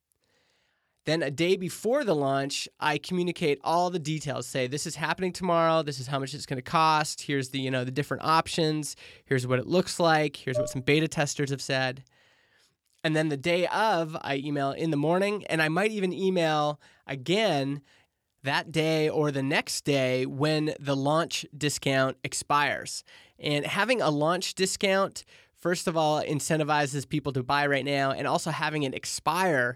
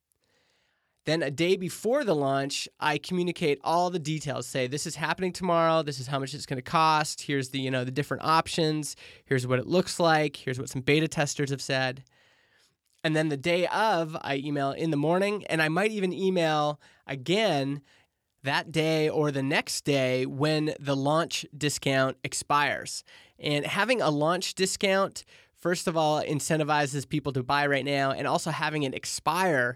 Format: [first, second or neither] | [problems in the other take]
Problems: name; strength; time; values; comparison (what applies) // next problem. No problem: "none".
second | clattering dishes; noticeable; at 11 s; peak 6 dB below the speech